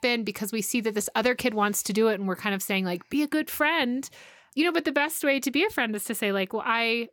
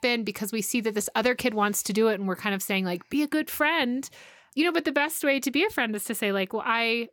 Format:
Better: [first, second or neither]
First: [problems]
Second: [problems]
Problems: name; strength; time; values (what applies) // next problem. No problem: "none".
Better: neither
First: none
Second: none